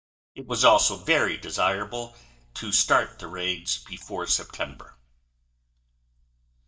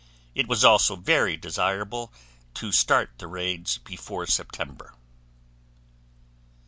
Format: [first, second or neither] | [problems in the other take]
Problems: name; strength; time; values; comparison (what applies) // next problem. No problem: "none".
second | noise reduction (neural mask model DeepFilterNet 3)